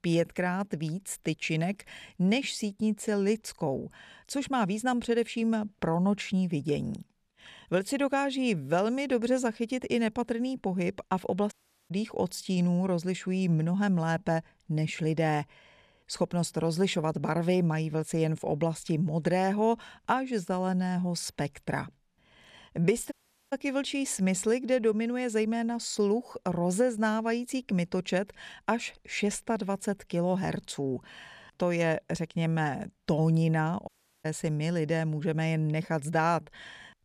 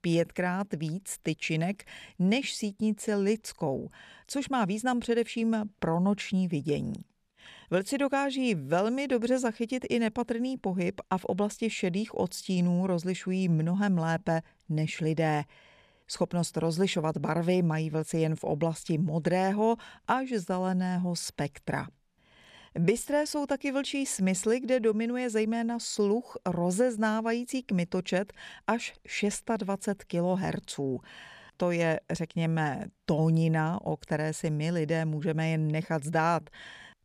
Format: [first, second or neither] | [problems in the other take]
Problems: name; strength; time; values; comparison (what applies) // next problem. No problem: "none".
second | audio cutting out; at 12 s, at 23 s and at 34 s